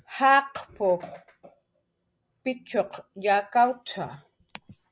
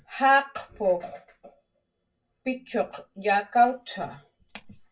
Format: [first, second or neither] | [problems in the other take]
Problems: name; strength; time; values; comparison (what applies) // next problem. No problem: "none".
first | room echo; dies away in 0.1 s